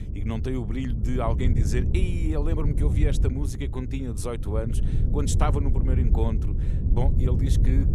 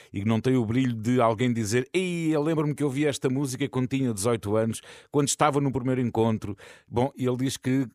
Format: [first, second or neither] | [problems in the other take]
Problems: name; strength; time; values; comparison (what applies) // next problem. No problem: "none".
second | wind noise on the microphone; heavy; 6 dB below the speech